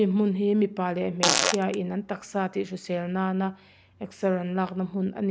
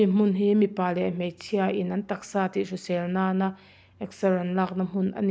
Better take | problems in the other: second | background sound (Fart); 1 dB above the speech

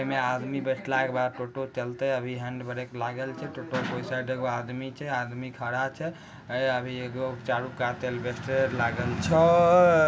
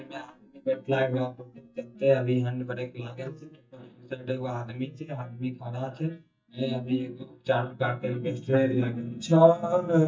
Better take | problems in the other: first | noise reduction (neural mask model DeepFilterNet 3)

